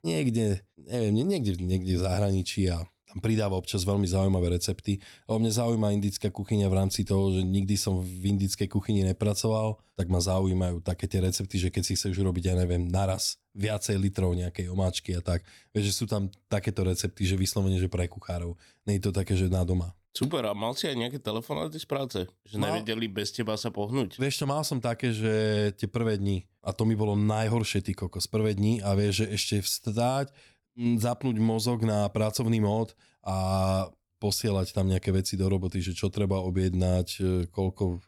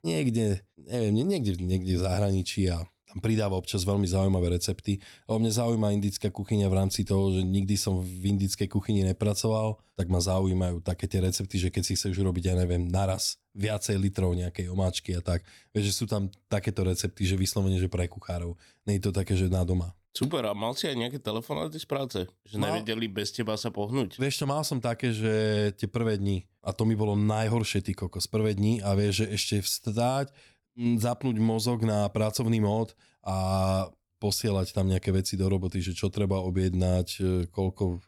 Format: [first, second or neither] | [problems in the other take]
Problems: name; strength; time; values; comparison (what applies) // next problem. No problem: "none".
neither | none